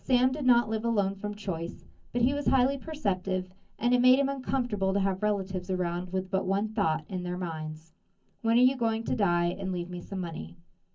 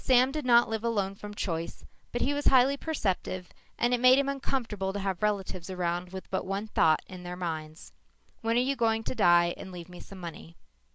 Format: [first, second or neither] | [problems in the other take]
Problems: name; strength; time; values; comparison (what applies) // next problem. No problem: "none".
second | room echo; dies away in 0.3 s